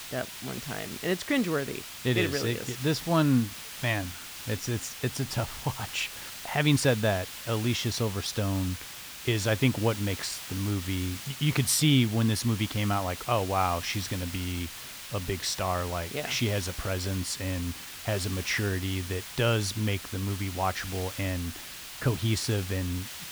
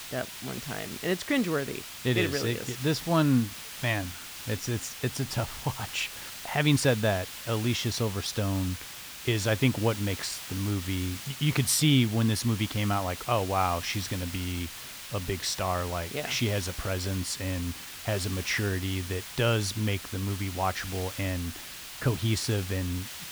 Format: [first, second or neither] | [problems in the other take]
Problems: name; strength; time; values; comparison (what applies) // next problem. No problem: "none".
neither | hiss; loud; throughout; 9 dB below the speech; the same in both